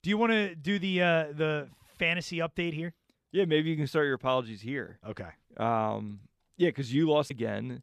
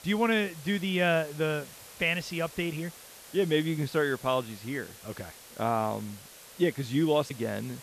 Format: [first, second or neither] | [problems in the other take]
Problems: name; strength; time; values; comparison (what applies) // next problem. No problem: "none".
first | hiss; noticeable; throughout; 20 dB below the speech